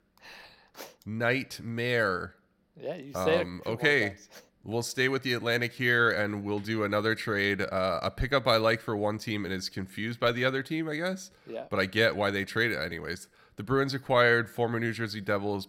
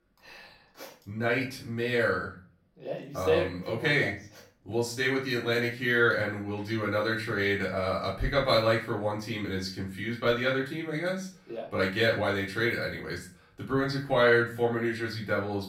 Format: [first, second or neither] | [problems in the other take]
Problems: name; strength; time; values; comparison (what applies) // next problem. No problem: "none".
first | off-mic speech; far // room echo; slight; dies away in 0.4 s